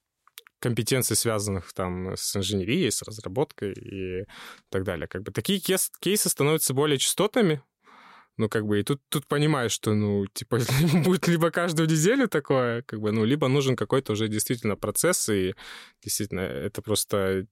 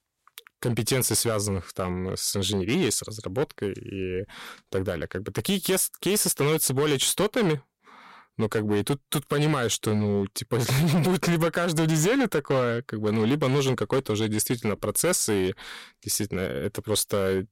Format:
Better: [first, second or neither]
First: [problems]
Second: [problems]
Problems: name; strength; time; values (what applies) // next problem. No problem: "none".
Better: first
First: none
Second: distortion; slight; 9% of the sound clipped